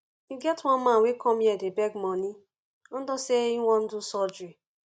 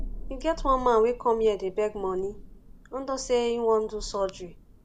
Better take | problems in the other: first | background sound (Thunder); 12 dB below the speech

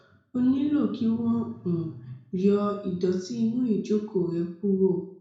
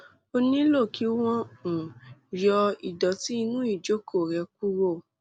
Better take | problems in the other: second | room echo; dies away in 0.5 s

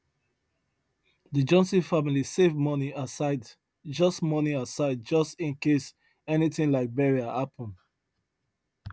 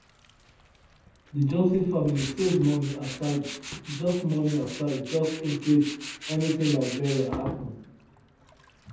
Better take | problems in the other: first | background sound (Tools); 13 dB below the speech // room echo; dies away in 0.8 s

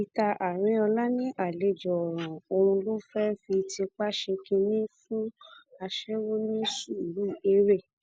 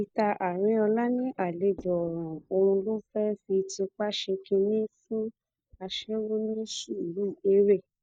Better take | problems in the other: first | noise reduction (neural mask model DeepFilterNet 3)

